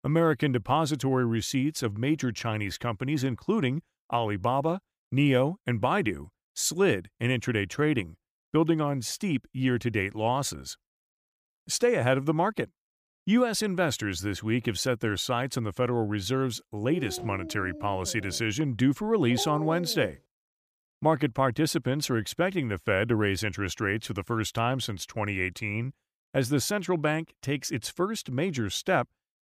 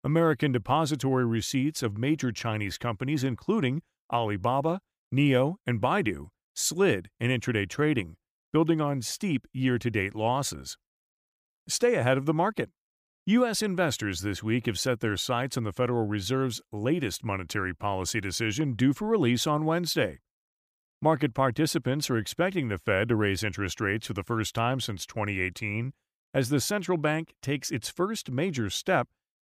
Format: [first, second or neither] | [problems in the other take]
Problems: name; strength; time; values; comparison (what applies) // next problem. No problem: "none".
second | dog barking; noticeable; from 17 to 20 s; peak 8 dB below the speech